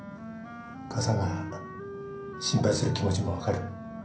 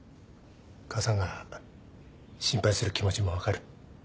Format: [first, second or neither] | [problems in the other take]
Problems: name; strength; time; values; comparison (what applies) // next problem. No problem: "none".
second | background sound (Wind instrument, woodwind instrument); 11 dB below the speech // room echo; dies away in 0.6 s